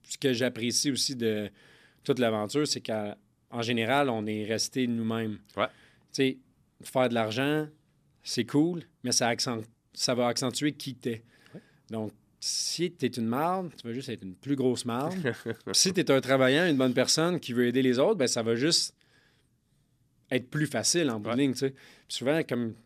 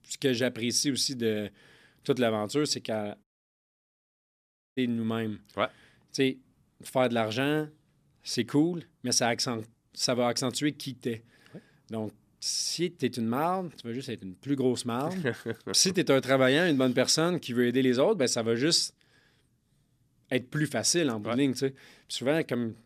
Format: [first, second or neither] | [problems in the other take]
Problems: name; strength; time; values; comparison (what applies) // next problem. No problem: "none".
first | audio cutting out; at 3 s for 1.5 s